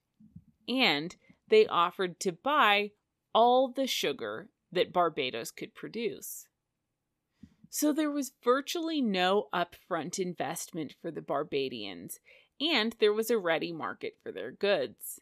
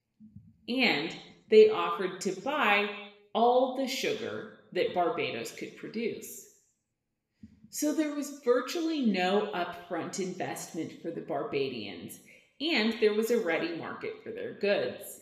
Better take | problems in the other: first | room echo; slight; dies away in 0.8 s

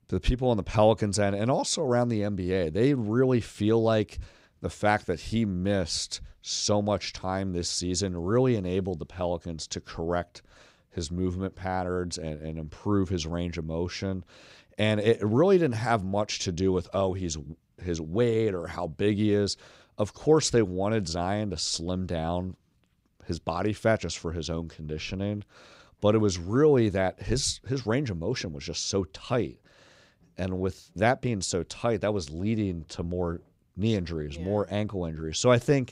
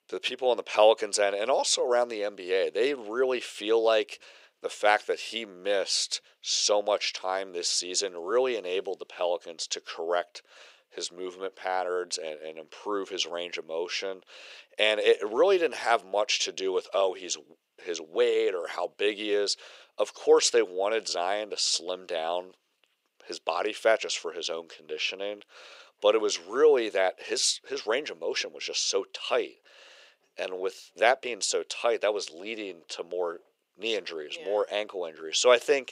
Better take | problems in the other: first | thin; very; fading below 450 Hz

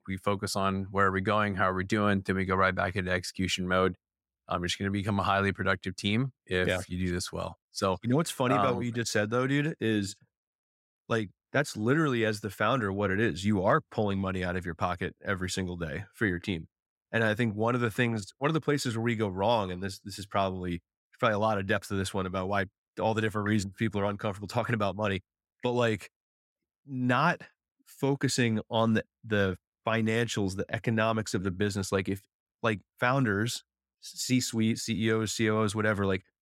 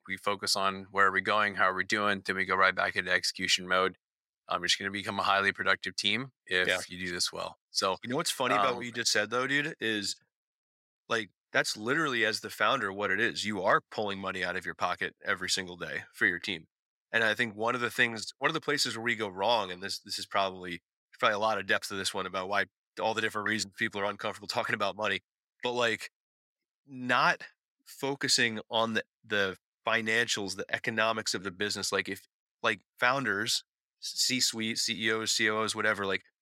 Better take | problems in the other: first | thin; somewhat; fading below 750 Hz

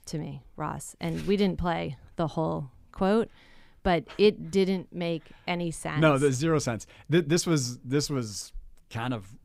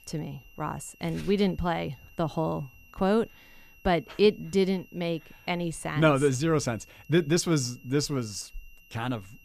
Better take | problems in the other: first | high-pitched whine; faint; throughout; 3 kHz, 25 dB below the speech

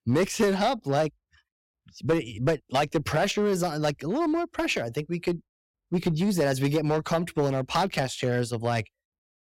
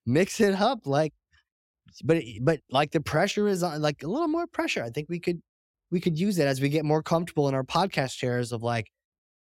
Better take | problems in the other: second | distortion; slight; 5% of the sound clipped

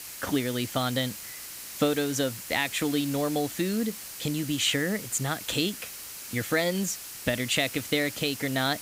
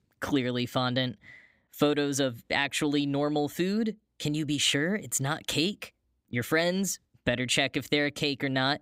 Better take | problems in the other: second | hiss; loud; throughout; 9 dB below the speech

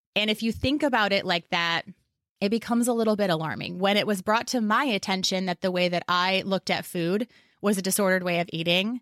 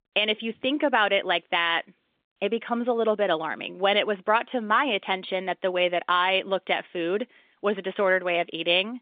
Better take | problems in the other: first | phone-call audio; nothing above 3.5 kHz

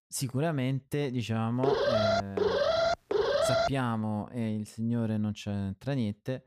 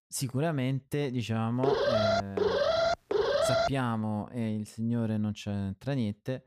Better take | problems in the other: neither | alarm; loud; from 1.5 to 3.5 s; peak 6 dB above the speech; the same in both

